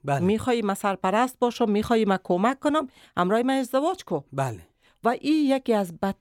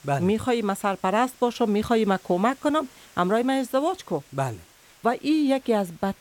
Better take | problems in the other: first | hiss; faint; throughout; 25 dB below the speech

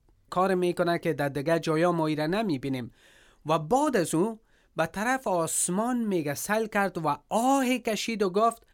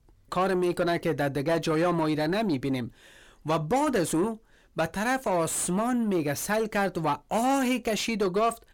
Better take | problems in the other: first | distortion; slight; 10 dB below the speech

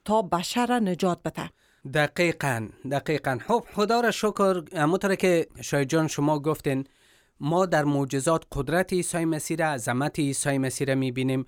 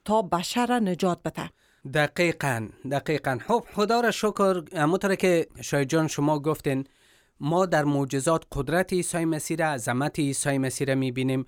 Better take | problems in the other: neither | none

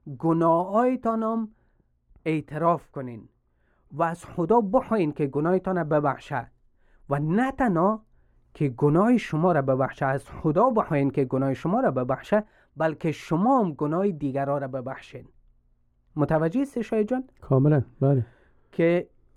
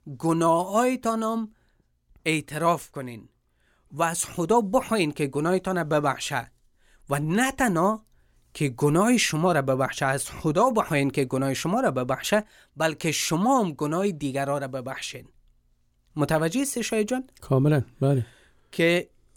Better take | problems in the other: second | muffled; very; fading above 2.5 kHz

